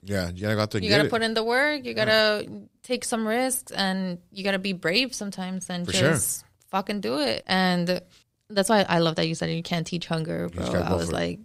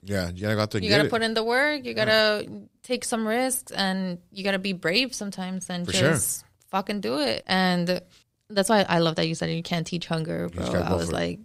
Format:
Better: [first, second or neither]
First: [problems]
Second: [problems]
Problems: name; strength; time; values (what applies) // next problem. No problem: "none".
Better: neither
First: none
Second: none